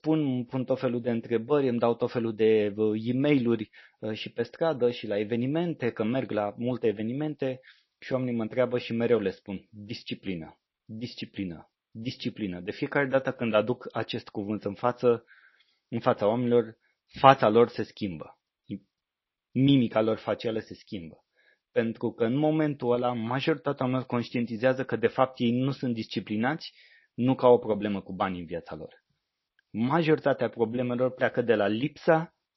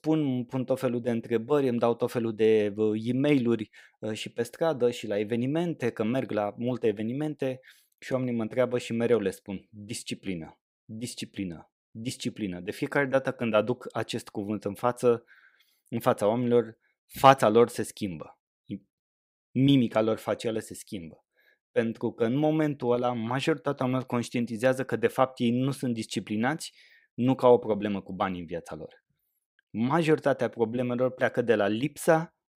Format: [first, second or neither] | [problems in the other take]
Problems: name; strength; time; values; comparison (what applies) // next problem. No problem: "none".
second | garbled, watery; slightly; nothing above 5.5 kHz